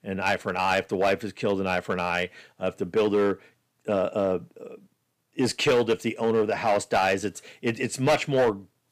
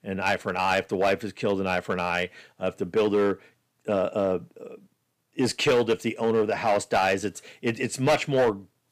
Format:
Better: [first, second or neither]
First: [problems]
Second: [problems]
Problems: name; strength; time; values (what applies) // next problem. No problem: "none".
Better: neither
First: distortion; slight; 5% of the sound clipped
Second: distortion; slight; 5% of the sound clipped